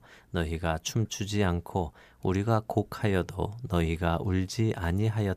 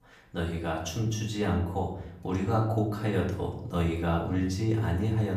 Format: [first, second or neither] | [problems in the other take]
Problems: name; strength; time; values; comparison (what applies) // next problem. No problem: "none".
first | off-mic speech; far // room echo; slight; dies away in 0.6 s